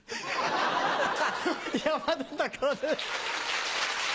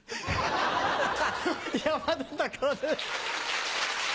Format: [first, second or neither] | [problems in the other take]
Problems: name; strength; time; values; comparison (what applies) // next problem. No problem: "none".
first | background sound (Car); 17 dB below the speech